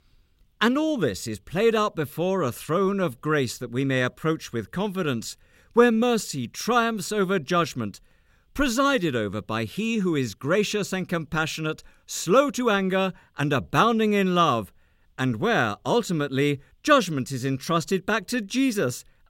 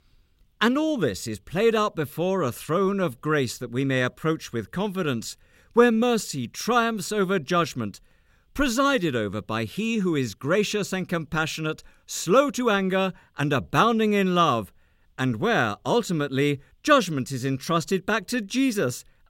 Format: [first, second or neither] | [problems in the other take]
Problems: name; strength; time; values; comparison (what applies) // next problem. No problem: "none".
neither | none